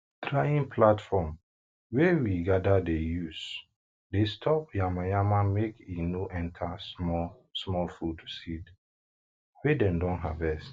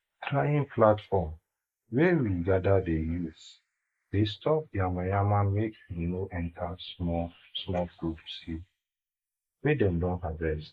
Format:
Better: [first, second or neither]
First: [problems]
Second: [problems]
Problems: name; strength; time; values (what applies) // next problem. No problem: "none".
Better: first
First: none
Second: noise reduction (neural mask model Resemble Enhance denoiser)